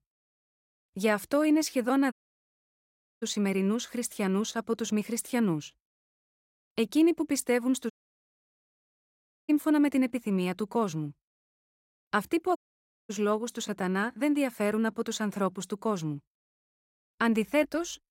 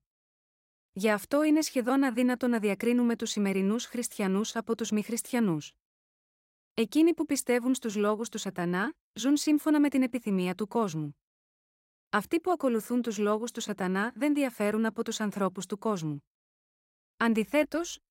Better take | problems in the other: second | audio cutting out; at 2 s for 1 s, at 8 s for 1.5 s and at 13 s for 0.5 s

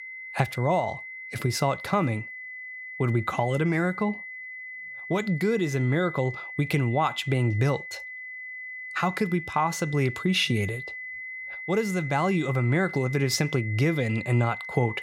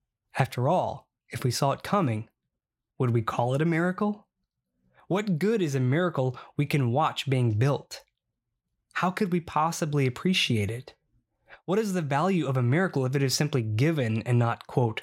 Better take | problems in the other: second | high-pitched whine; loud; throughout; 2 kHz, 10 dB below the speech

